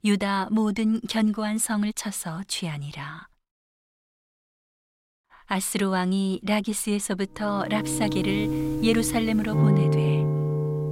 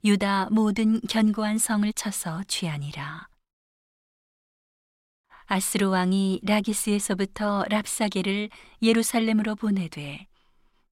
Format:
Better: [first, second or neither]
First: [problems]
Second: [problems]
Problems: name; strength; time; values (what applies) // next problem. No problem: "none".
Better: second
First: background music; very loud; from 8 s on; as loud as the speech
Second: none